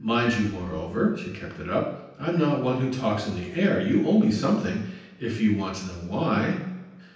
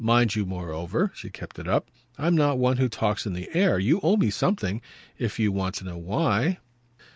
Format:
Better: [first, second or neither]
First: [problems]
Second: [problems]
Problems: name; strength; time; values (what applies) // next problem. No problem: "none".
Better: second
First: background sound (Marimba, xylophone); 19 dB below the speech // room echo; dies away in 0.9 s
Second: none